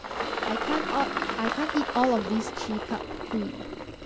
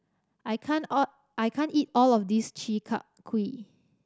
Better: second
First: background sound (Engine); 2 dB below the speech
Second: none

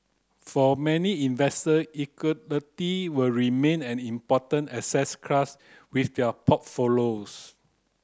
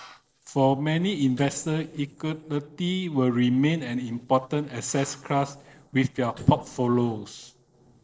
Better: first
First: none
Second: noise reduction (neural separator model SepFormer DNS4)

